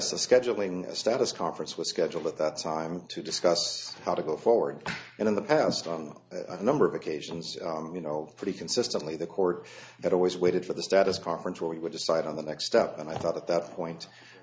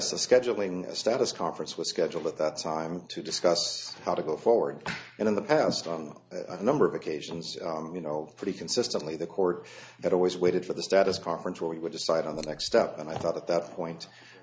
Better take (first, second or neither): first